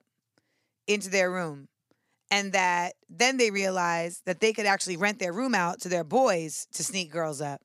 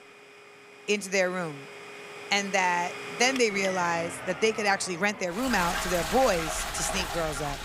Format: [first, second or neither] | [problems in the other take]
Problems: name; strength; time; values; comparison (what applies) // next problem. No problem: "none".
first | household noises; loud; throughout; 7 dB below the speech